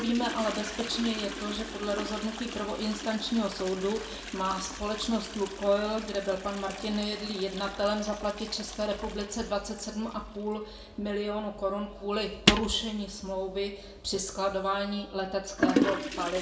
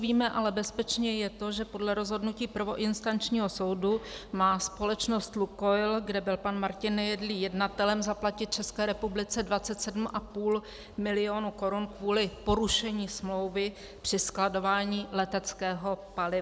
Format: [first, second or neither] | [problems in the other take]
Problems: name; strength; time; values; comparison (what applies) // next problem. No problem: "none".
second | background sound (Toilet flush); 5 dB below the speech // room echo; dies away in 0.5 s